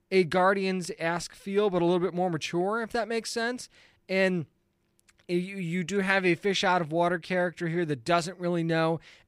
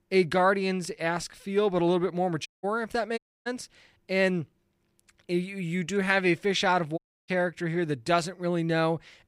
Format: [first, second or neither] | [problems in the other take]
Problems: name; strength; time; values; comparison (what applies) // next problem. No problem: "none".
first | audio cutting out; at 2.5 s, at 3 s and at 7 s